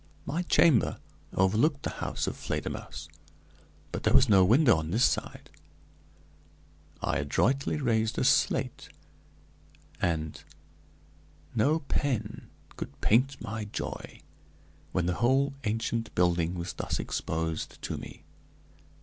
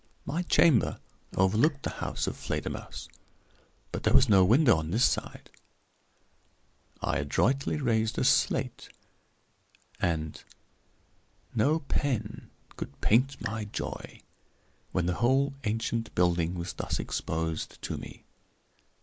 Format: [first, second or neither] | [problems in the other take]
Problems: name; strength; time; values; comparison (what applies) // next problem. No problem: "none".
first | noise reduction (neural mask model Resemble Enhance denoiser)